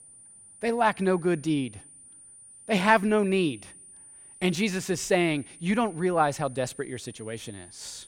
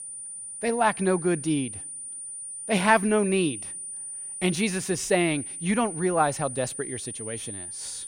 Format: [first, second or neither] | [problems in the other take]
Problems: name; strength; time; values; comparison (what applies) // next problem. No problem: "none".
first | high-pitched whine; loud; throughout; 9.5 kHz, 9 dB below the speech; faint in the first